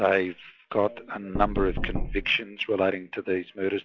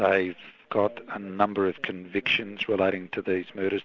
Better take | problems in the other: second | noise reduction (classical method log-MMSE)

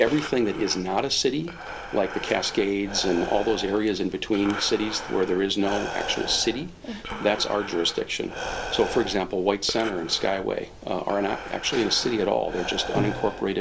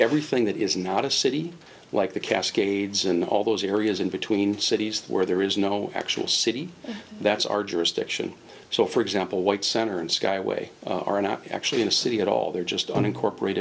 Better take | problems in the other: second | background sound (Breathing); 10 dB below the speech

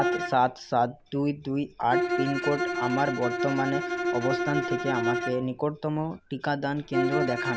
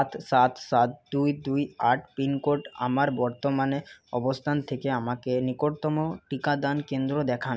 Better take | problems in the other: second | background sound (Bowed string instrument); 2 dB below the speech

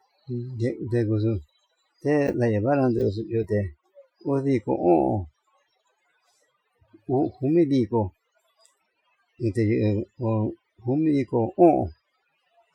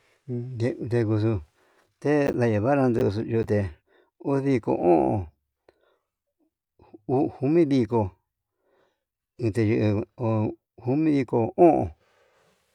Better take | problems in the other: second | noise reduction (classical method Wiener filter)

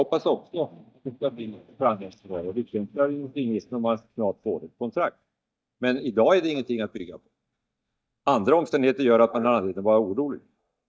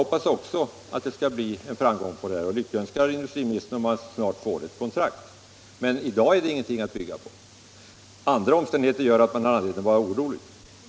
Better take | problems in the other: second | noise reduction (neural mask model DeepFilterNet 3)

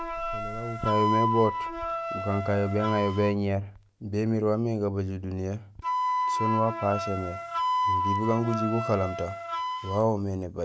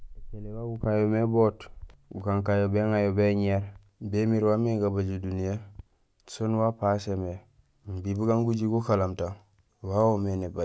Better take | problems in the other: second | background sound (Wind instrument, woodwind instrument); 3 dB below the speech

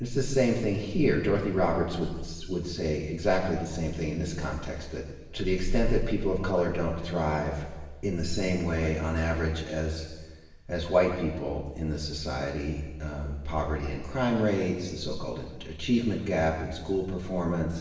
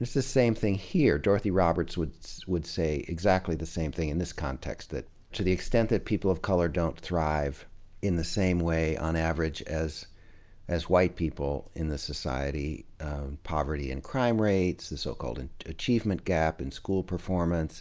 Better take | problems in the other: second | room echo; dies away in 1.2 s

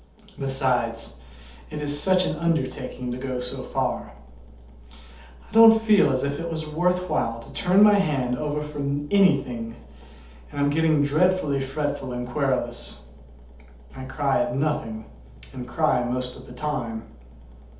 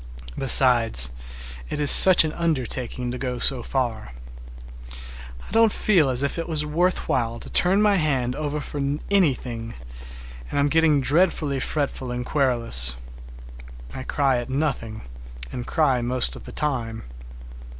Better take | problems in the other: second | room echo; dies away in 0.6 s

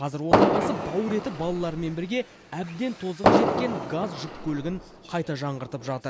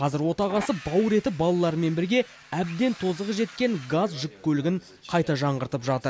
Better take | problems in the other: second | background sound (Fireworks); 3 dB above the speech

